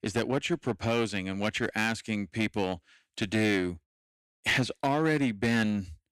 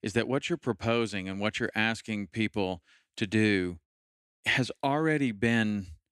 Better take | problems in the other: second | distortion; slight; 6% of the sound clipped

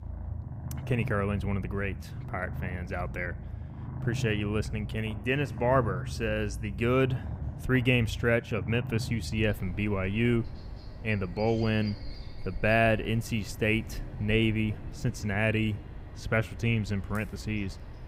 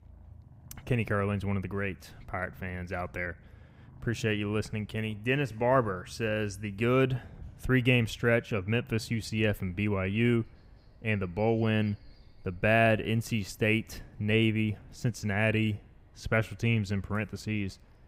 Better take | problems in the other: second | animal sounds; loud; throughout; 10 dB below the speech; faint in the second

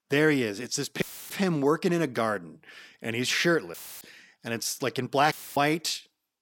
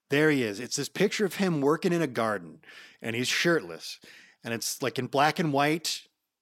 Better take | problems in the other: second | audio cutting out; filled with static; at 1 s, at 3.5 s and at 5.5 s

